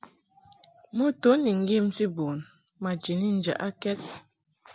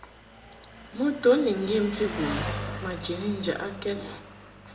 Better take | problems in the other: first | background sound (Engine); 9 dB below the speech // room echo; dies away in 0.8 s

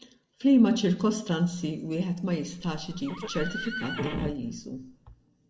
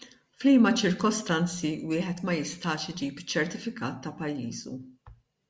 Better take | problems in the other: second | background sound (Livestock, farm animals, working animals); 9 dB below the speech // room echo; dies away in 1.3 s

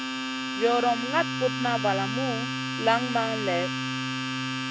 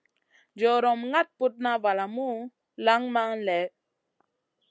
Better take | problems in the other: second | background sound (Domestic sounds, home sounds); 2 dB below the speech

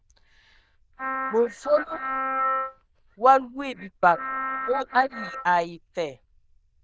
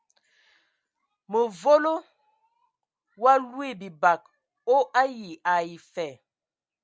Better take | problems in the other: second | noise reduction (neural diffusion model UNIVERSE++)

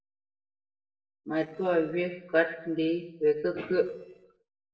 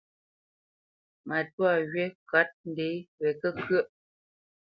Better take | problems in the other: second | noise reduction (neural separator model SepFormer DNS4)

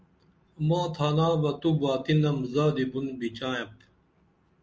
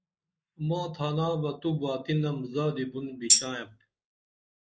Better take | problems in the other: first | noise reduction (neural mask model Resemble Enhance denoiser)

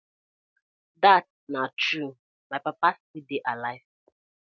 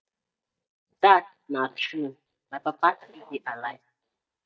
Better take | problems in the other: first | noise reduction (neural mask model DeepFilterNet 3)

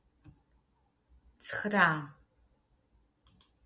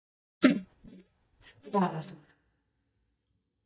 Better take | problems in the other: first | noise reduction (neural mask model DeepFilterNet 3)

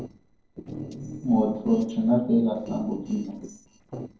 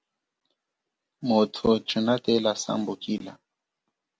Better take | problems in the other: second | noise reduction (neural separator model SepFormer DNS4)

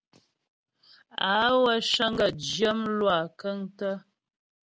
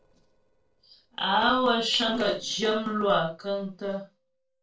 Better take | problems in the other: first | noise reduction (neural separator model SepFormer DNS4)

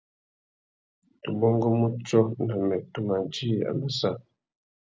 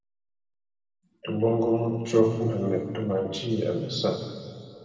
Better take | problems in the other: first | room echo; dies away in 2.1 s

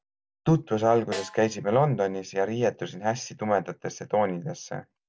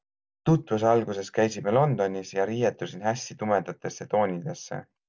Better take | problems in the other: second | background sound (Snare drum); 17 dB below the speech

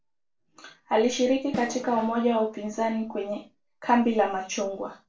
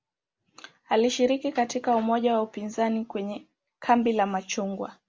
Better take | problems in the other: second | noise reduction (neural separator model SepFormer DNS4)

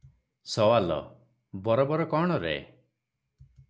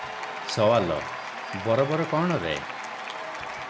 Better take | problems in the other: first | background sound (Applause / Cheering); 7 dB below the speech

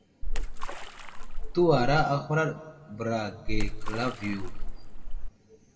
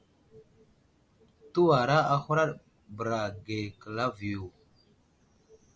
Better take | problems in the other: second | background sound (Splash, splatter); 2 dB above the speech // room echo; dies away in 1.4 s

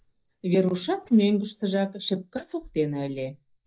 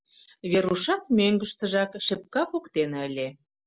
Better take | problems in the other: second | noise reduction (neural mask model DeepFilterNet 3)

